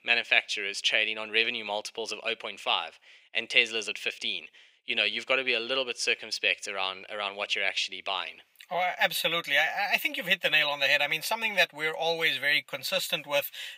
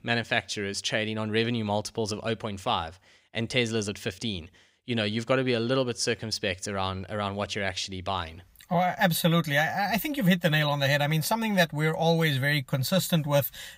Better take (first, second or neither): second